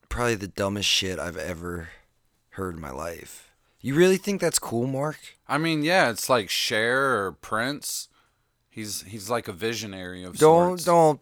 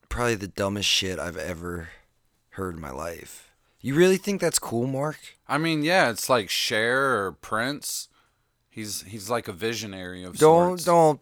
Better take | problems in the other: neither | none

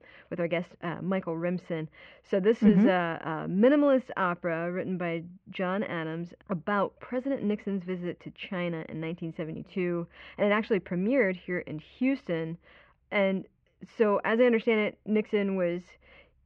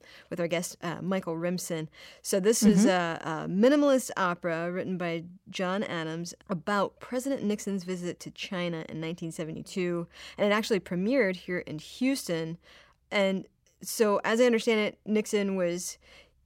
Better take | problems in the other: second | muffled; very; fading above 2.5 kHz

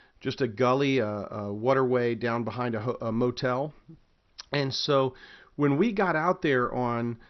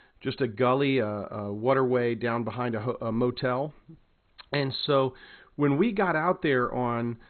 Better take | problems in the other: first | garbled, watery; badly; nothing above 4 kHz; slightly in the first

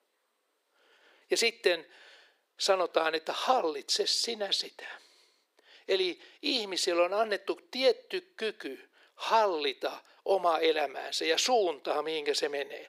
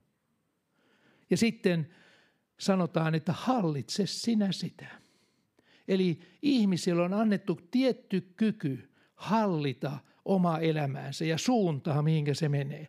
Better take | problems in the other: second | thin; very; fading below 400 Hz

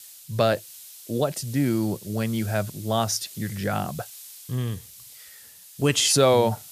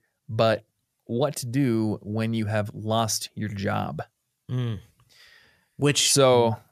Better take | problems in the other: second | hiss; noticeable; throughout; 15 dB below the speech

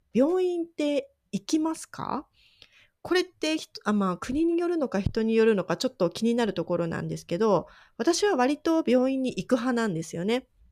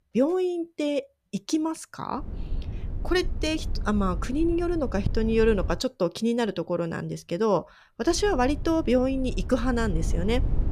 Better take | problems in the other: first | low rumble; noticeable; from 2 to 5.5 s and from 8 s on; 20 dB below the speech

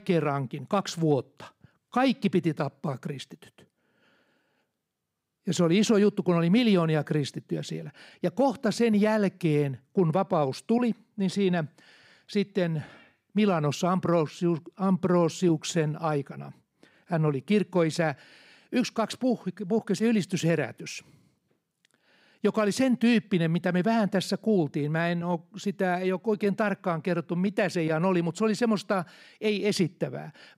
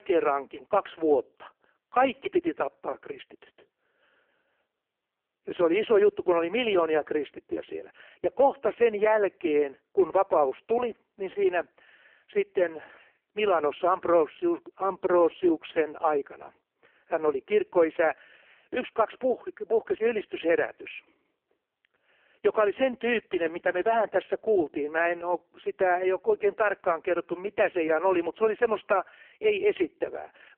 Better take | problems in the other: first | phone-call audio; poor line; nothing above 3 kHz

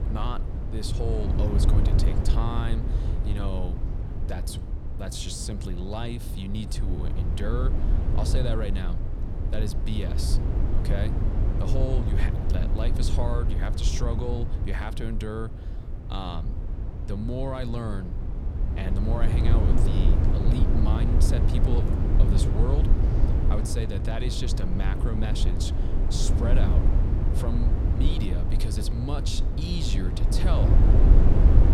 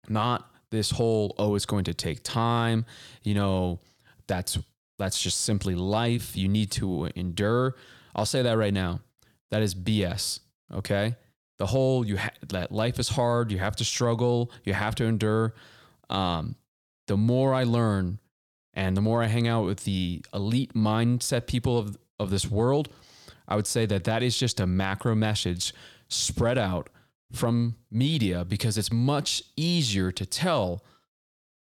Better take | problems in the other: second | wind noise on the microphone; heavy; 2 dB below the speech

